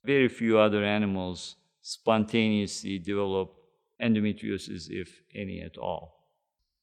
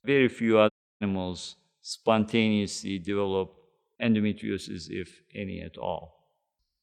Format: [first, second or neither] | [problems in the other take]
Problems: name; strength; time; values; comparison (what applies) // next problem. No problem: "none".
first | audio cutting out; at 0.5 s